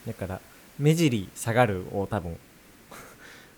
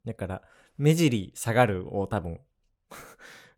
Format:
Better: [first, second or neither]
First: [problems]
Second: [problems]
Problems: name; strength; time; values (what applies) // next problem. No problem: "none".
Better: second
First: hiss; faint; throughout; 25 dB below the speech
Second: none